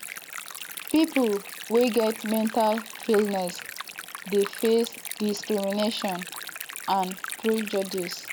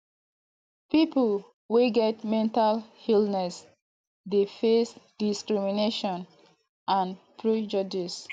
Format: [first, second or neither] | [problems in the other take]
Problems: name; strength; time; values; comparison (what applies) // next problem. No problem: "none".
second | background sound (Stream); 11 dB below the speech